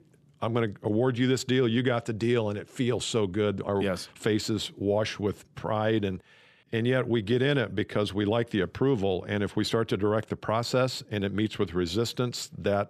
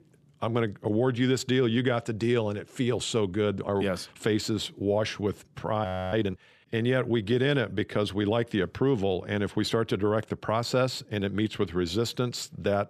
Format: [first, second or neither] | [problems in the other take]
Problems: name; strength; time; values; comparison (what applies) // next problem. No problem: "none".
first | audio freezing; at 6 s